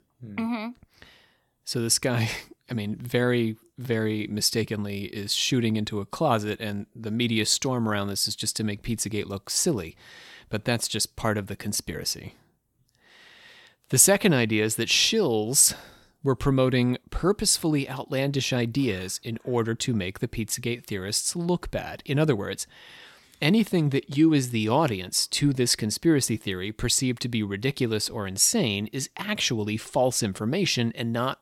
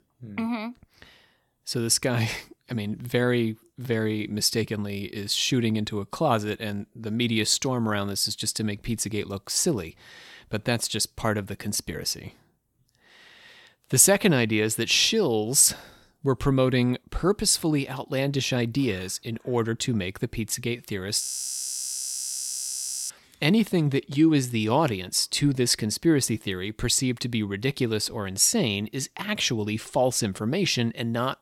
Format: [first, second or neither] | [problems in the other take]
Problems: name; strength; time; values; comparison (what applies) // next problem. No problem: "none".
first | audio freezing; at 21 s for 2 s